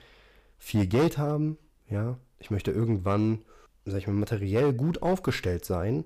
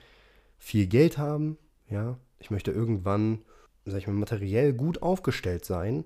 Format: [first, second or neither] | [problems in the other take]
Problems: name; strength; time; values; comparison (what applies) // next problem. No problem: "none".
second | distortion; slight; 4% of the sound clipped